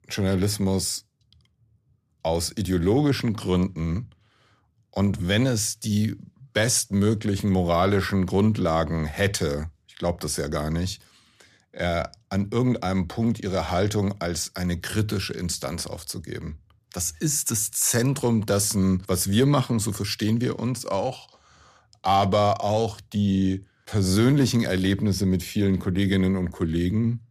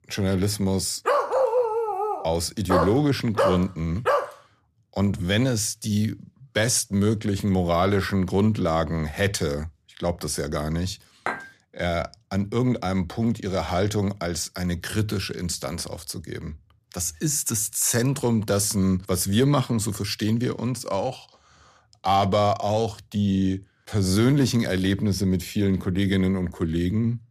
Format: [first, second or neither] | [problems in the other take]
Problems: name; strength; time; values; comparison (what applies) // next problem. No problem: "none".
first | dog barking; loud; from 1 to 4.5 s; peak 3 dB above the speech // clattering dishes; noticeable; at 11 s; peak 7 dB below the speech